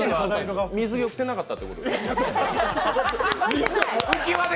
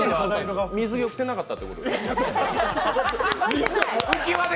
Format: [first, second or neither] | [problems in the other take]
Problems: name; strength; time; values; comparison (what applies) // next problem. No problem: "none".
first | background sound (Piano); 17 dB below the speech